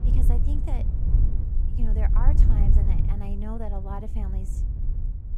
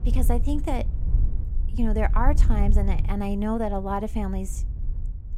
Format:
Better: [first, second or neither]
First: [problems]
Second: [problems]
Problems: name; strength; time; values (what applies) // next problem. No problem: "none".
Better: second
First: wind noise on the microphone; heavy; 3 dB below the speech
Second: wind noise on the microphone; occasional gusts; 15 dB below the speech